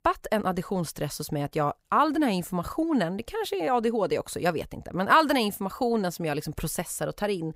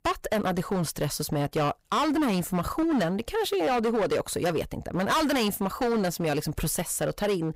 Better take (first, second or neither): first